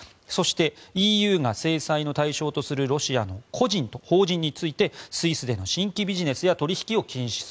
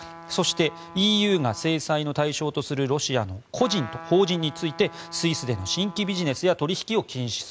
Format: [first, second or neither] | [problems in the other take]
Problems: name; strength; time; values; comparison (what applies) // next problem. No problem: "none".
first | background sound (Trumpet); 18 dB below the speech